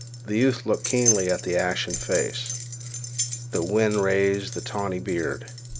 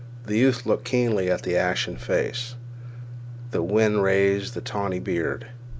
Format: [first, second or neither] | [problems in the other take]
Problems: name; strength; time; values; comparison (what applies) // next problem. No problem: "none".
second | background sound (Keys jangling); 7 dB below the speech